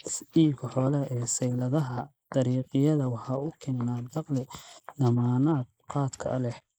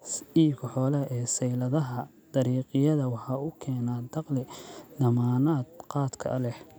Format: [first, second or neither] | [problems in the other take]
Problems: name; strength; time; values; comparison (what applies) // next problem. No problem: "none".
second | noise reduction (neural mask model Resemble Enhance denoiser)